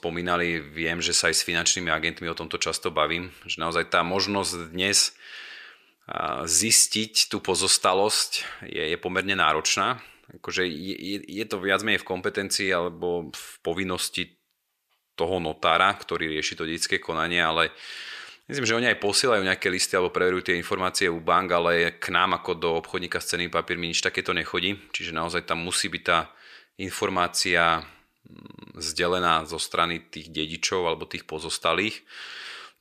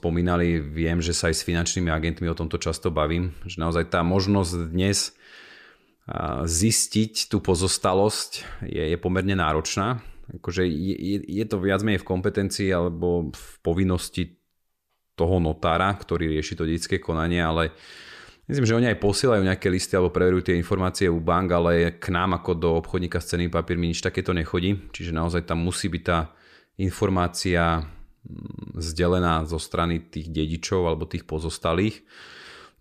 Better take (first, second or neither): second